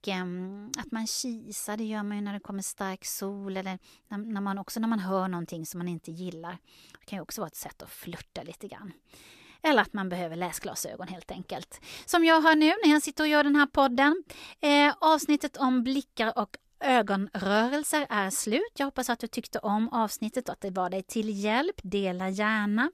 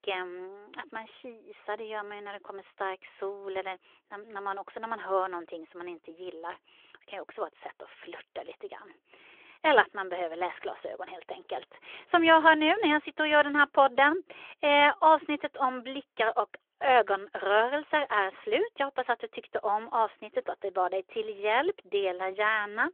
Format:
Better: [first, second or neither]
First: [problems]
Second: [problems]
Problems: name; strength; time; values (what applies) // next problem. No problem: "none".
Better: first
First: none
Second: phone-call audio; nothing above 3.5 kHz